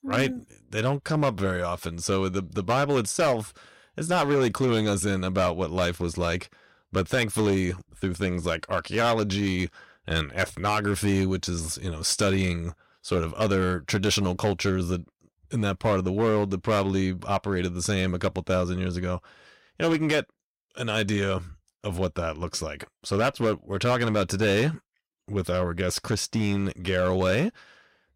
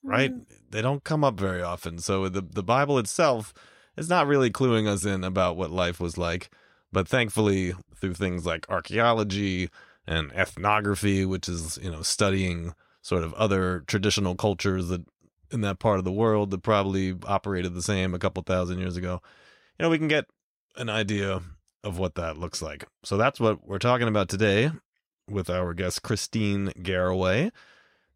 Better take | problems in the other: second | distortion; slight; 6% of the sound clipped

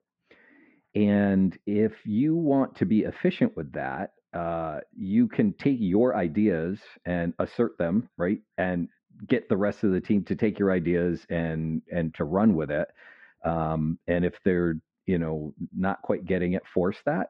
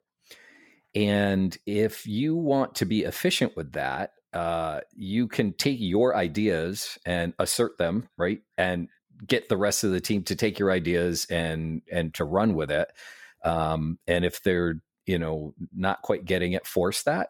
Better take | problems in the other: second | muffled; very; fading above 2.5 kHz

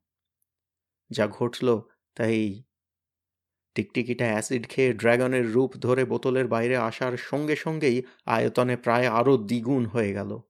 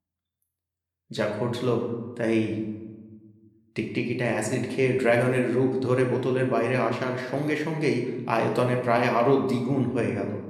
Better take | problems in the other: first | room echo; slight; dies away in 1 s // off-mic speech; somewhat distant

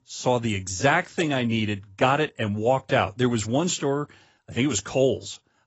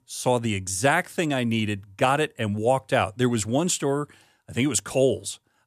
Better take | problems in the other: second | garbled, watery; badly; nothing above 7.5 kHz

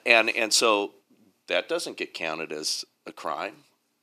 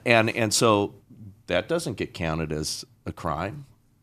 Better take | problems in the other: second | thin; somewhat; fading below 350 Hz

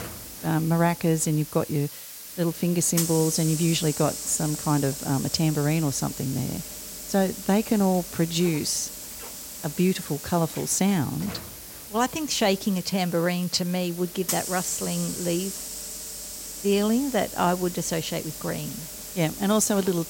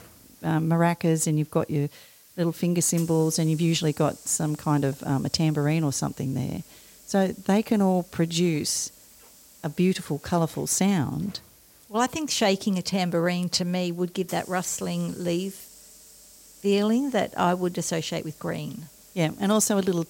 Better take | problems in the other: second | hiss; loud; throughout; 8 dB below the speech; faint in the second

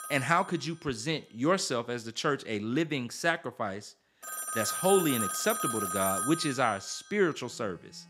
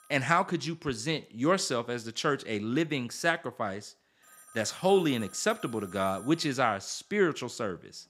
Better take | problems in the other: second | alarms or sirens; loud; throughout; 3 dB below the speech; faint in the second

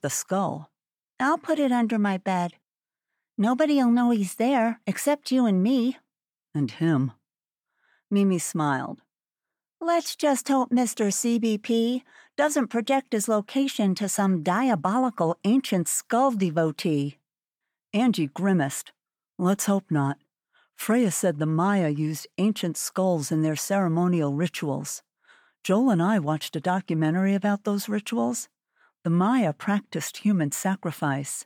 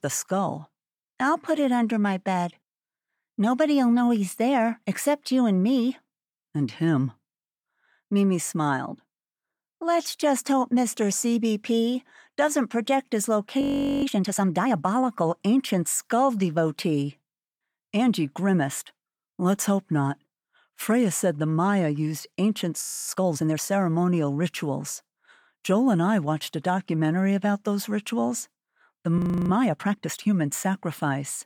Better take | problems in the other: first | audio freezing; at 14 s, at 23 s and at 29 s

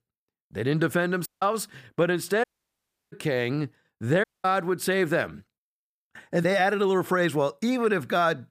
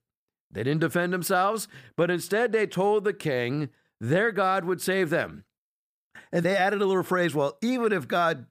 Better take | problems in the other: second | audio cutting out; at 1.5 s, at 2.5 s for 0.5 s and at 4 s

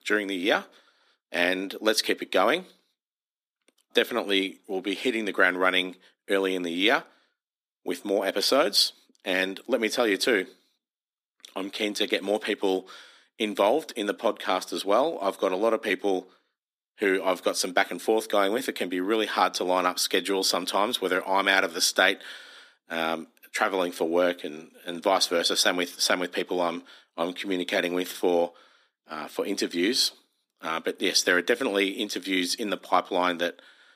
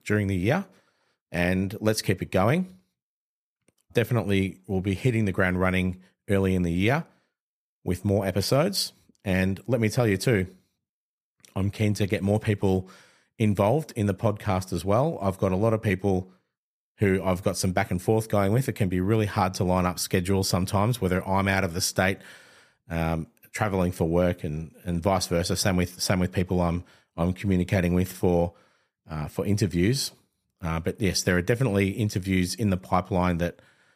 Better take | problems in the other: second | thin; somewhat; fading below 250 Hz

